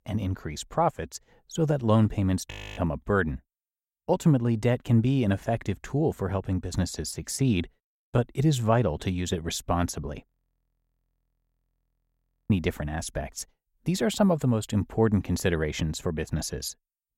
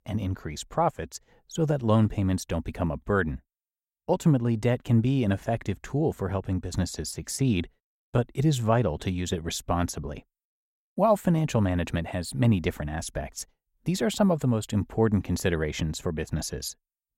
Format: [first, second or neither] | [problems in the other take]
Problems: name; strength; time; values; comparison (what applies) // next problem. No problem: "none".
second | audio freezing; at 2.5 s and at 10 s for 2 s